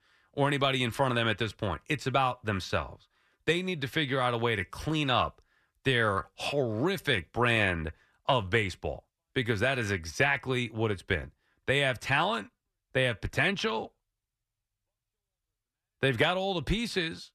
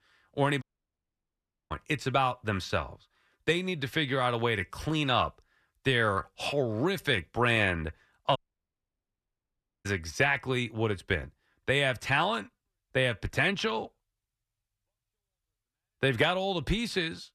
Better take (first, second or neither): first